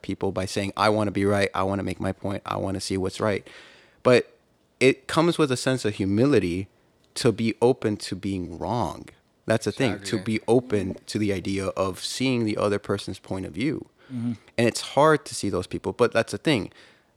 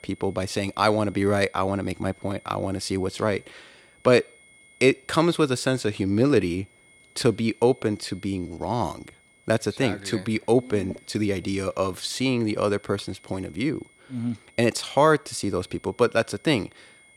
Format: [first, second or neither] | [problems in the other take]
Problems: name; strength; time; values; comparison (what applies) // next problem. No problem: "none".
first | high-pitched whine; faint; throughout; 2 kHz, 30 dB below the speech